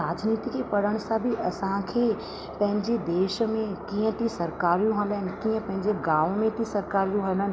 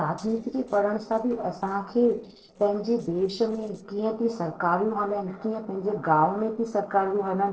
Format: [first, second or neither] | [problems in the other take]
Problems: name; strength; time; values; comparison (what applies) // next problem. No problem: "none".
first | noise reduction (neural separator model SepFormer DNS4)